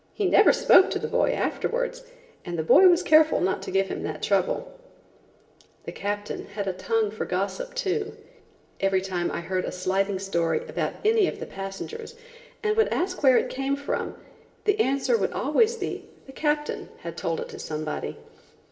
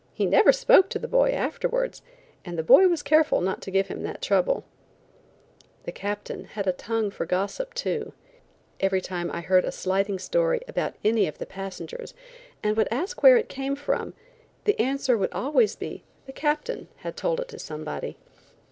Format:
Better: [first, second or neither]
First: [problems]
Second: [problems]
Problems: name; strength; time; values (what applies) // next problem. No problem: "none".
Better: second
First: room echo; dies away in 0.8 s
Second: none